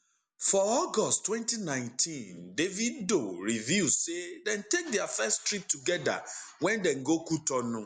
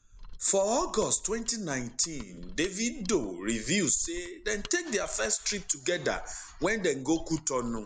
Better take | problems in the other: first | background sound (Mechanisms); 14 dB below the speech

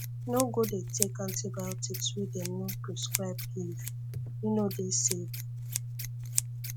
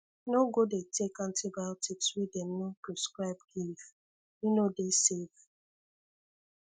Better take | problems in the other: second | background sound (Scissors); 1 dB below the speech

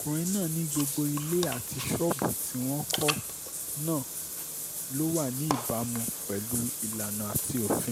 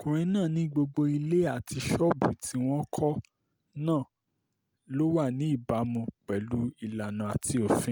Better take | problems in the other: second | background sound (Bathtub (filling or washing) / Water); 3 dB below the speech

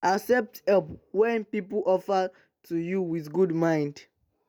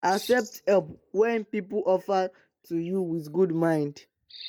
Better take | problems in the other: first | noise reduction (neural mask model DeepFilterNet 3)

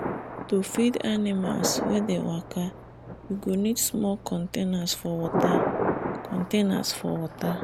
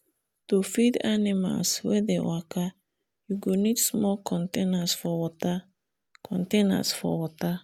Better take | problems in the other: second | background sound (Thunder); 4 dB below the speech

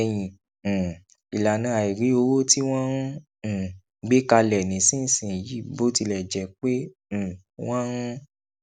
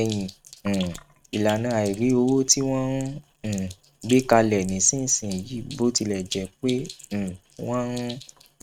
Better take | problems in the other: first | noise reduction (neural mask model RNNoise)

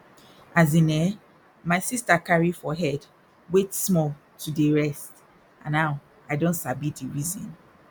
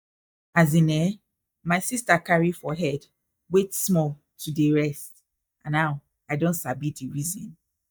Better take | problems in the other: first | noise reduction (neural mask model DeepFilterNet 3)

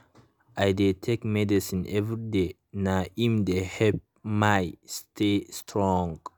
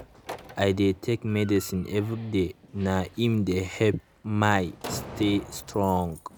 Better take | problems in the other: first | background sound (Slam); 17 dB below the speech

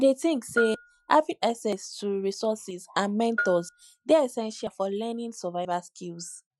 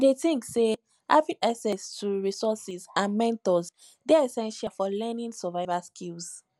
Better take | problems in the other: second | noise reduction (classical method Wiener filter)

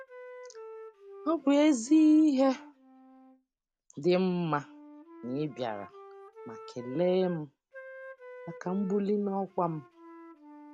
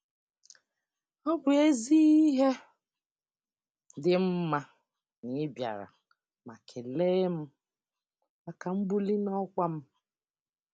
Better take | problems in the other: second | background sound (Wind instrument, woodwind instrument); 19 dB below the speech

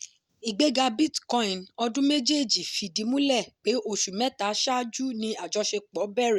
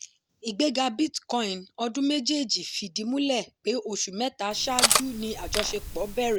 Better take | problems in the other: first | background sound (Cutlery, silverware); as loud as the speech

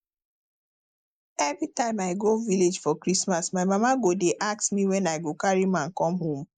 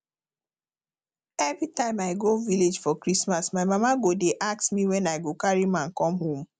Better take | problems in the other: second | noise reduction (neural mask model Resemble Enhance denoiser)

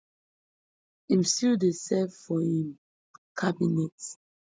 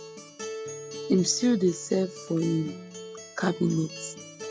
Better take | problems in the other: first | background sound (Acoustic guitar); 12 dB below the speech

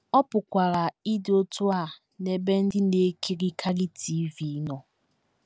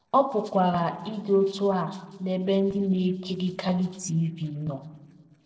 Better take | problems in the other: first | noise reduction (neural separator model SepFormer DNS4)

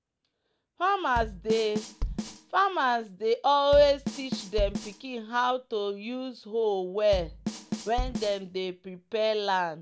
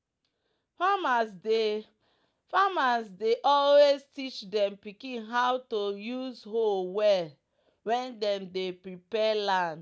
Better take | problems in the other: second | background sound (Bass drum / Snare drum / Drum kit); 8 dB below the speech

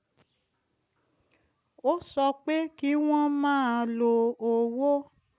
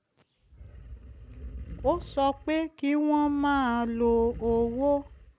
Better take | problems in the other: first | background sound (Animal); 15 dB below the speech

